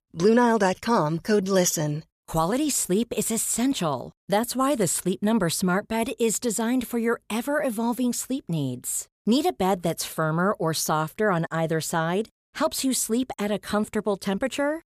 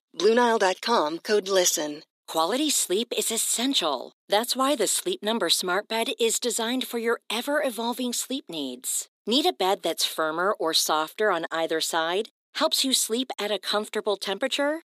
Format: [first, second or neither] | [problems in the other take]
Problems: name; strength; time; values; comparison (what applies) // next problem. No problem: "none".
first | thin; very slightly; fading below 250 Hz